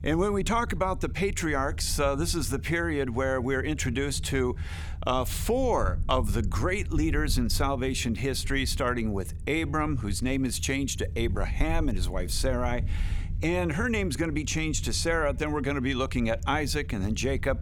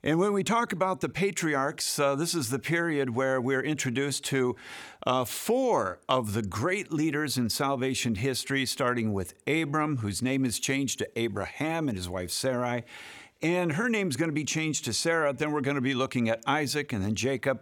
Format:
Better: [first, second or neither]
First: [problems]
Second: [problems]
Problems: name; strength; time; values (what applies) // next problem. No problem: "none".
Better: second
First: low rumble; faint; throughout; 20 dB below the speech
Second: none